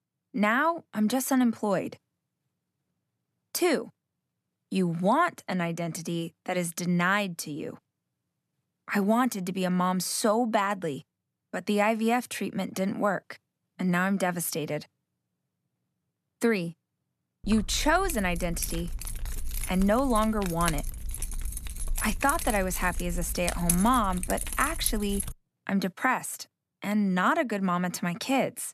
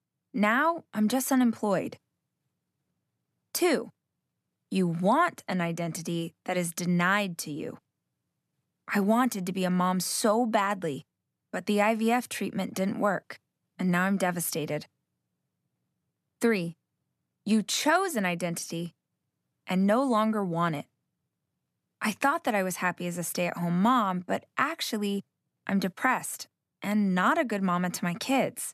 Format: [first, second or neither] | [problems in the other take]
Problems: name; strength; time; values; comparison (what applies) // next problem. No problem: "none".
second | jangling keys; noticeable; from 17 to 25 s; peak 1 dB below the speech